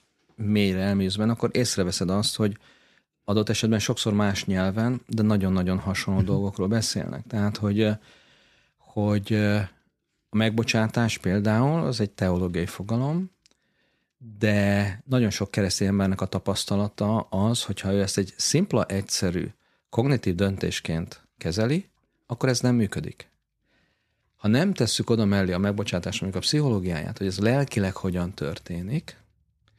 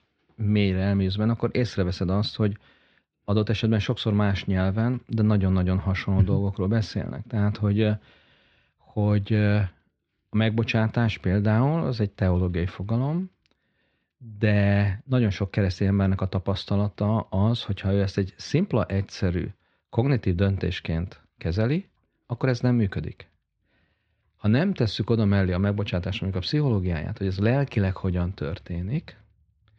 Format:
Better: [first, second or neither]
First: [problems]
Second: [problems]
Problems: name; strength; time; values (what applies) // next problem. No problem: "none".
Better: first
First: none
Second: muffled; slightly; fading above 4 kHz